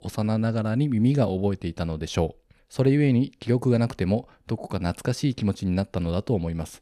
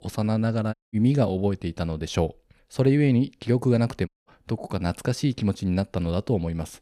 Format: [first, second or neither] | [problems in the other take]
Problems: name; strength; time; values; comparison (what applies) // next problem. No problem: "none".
first | audio cutting out; at 0.5 s and at 4 s